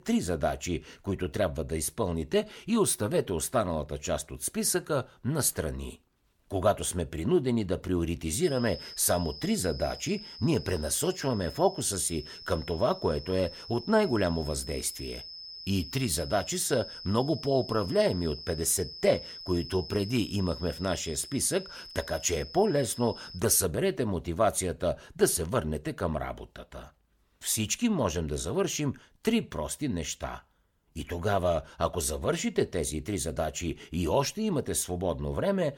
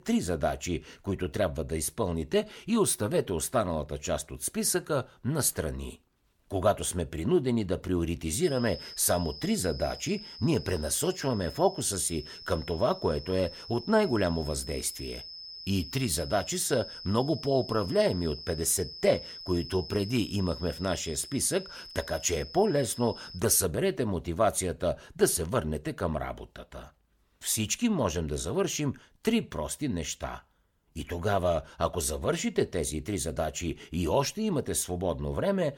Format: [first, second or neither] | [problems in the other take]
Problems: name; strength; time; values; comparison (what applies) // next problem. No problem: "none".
neither | high-pitched whine; noticeable; from 8.5 to 23 s; 5 kHz, 10 dB below the speech; the same in both